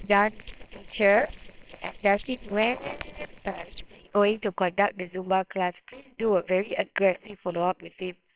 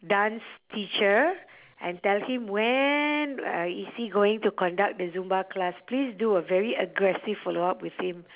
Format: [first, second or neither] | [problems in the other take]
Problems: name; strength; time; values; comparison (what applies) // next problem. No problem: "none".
second | noise reduction (neural separator model SepFormer WHAMR!)